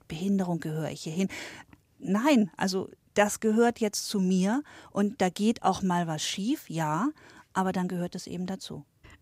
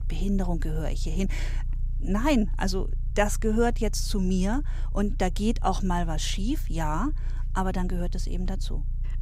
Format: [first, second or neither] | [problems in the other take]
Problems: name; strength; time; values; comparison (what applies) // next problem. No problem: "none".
first | low rumble; faint; throughout; 25 dB below the speech